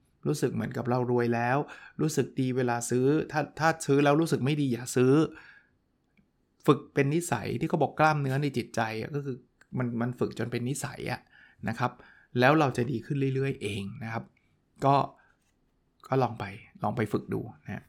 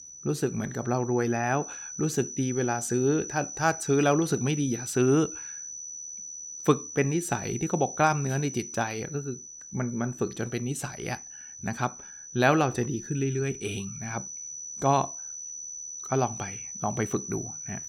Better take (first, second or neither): first